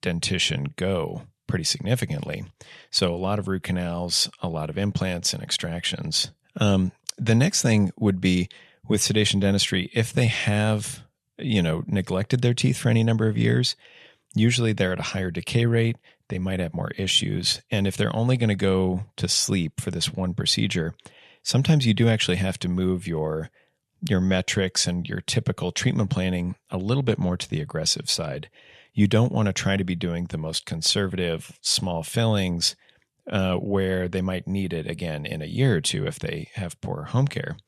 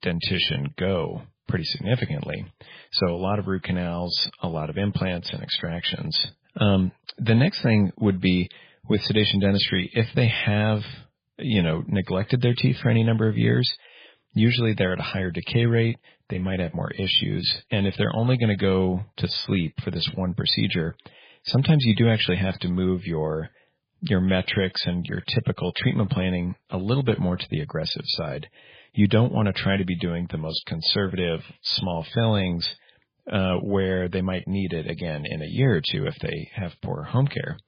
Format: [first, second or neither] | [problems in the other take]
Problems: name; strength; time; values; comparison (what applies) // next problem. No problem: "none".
first | garbled, watery; badly; nothing above 4.5 kHz